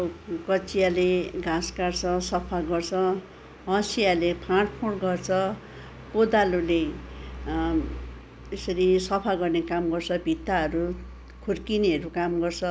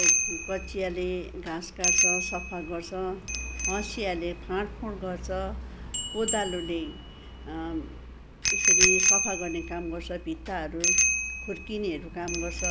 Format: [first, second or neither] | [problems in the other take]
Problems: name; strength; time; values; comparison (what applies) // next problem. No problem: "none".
first | background sound (Bicycle bell); 4 dB above the speech